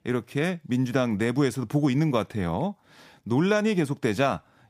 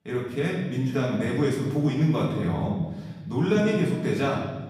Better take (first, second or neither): first